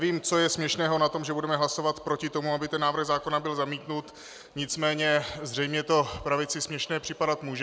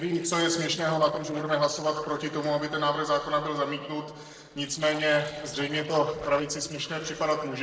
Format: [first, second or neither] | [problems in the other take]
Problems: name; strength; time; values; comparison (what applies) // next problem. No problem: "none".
first | noise reduction (neural separator model SepFormer DNS4)